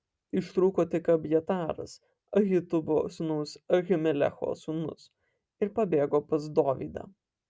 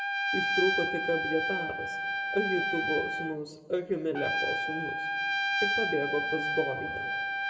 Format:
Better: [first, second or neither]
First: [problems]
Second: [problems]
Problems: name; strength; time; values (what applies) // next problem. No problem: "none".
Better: first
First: none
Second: background sound (Trumpet); 2 dB above the speech // room echo; dies away in 1.9 s